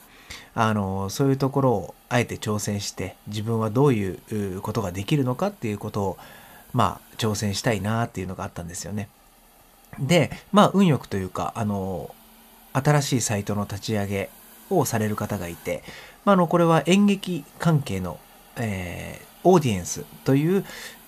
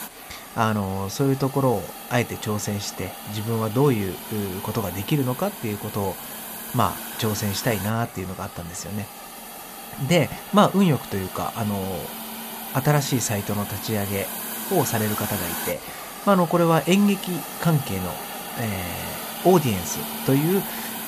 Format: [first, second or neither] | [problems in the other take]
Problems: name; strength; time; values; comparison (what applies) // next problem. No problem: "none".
first | hiss; loud; throughout; 8 dB below the speech; faint in the first